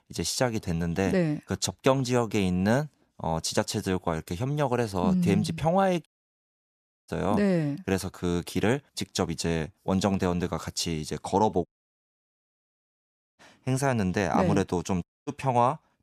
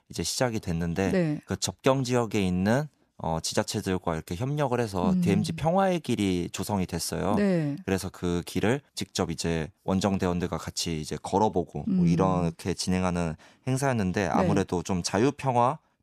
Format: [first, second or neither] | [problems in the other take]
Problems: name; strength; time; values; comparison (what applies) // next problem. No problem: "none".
second | audio cutting out; at 6 s for 1 s, at 12 s for 1.5 s and at 15 s